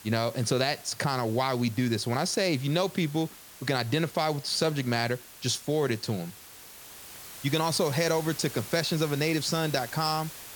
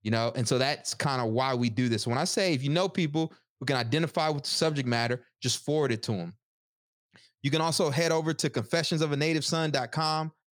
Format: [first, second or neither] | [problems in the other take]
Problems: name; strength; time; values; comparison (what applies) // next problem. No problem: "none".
second | hiss; noticeable; throughout; 15 dB below the speech